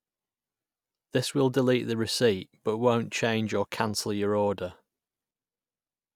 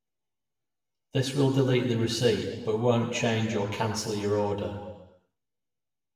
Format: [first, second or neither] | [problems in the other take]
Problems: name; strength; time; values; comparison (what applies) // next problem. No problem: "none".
first | room echo; dies away in 1.2 s